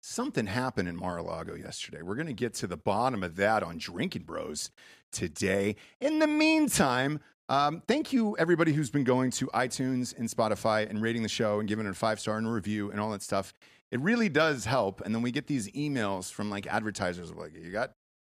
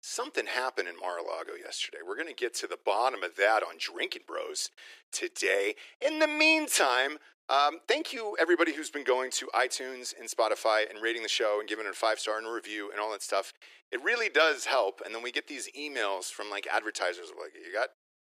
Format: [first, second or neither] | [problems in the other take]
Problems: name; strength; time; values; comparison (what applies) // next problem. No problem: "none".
first | thin; very; fading below 350 Hz